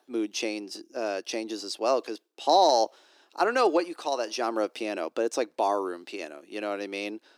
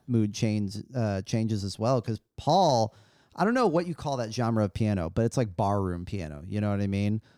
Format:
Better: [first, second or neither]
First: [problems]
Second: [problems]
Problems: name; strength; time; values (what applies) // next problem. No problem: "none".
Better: second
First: thin; very; fading below 300 Hz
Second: none